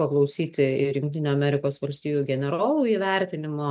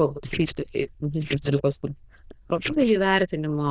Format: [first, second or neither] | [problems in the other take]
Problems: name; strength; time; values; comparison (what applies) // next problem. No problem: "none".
first | noise reduction (neural diffusion model UNIVERSE++)